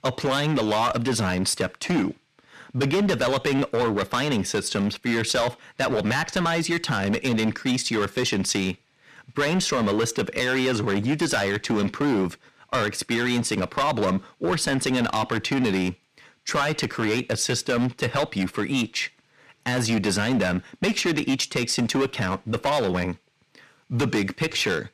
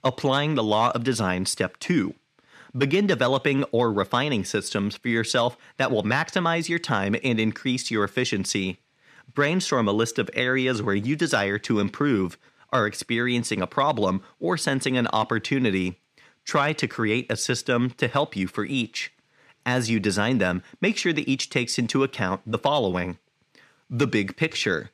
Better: second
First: distortion; heavy; 13% of the sound clipped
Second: none

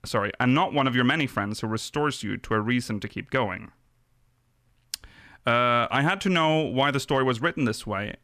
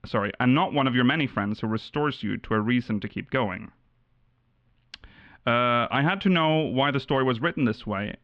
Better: first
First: none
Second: muffled; slightly; fading above 3.5 kHz

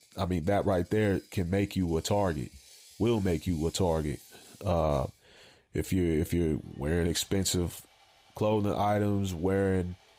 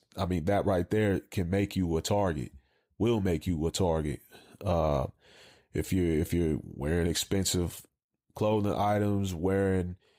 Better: second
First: machinery noise; faint; throughout; 25 dB below the speech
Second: none

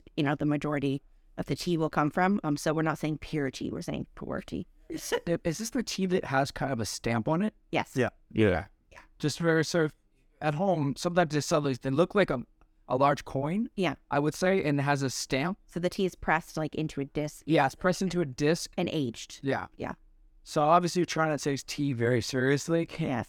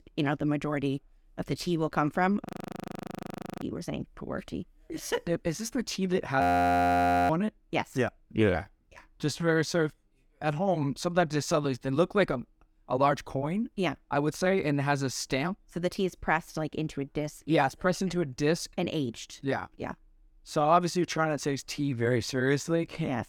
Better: first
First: none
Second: audio freezing; at 2.5 s for 1 s and at 6.5 s for 1 s

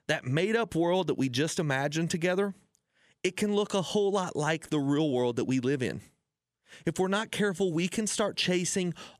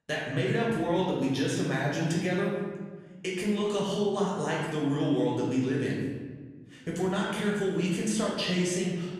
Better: first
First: none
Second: room echo; noticeable; dies away in 1.3 s // off-mic speech; far

